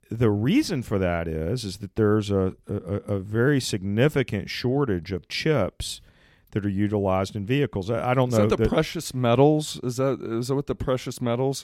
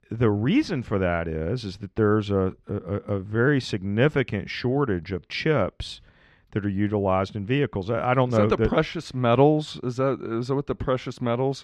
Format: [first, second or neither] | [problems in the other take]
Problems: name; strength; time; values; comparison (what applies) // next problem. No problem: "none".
first | muffled; very slightly; fading above 4 kHz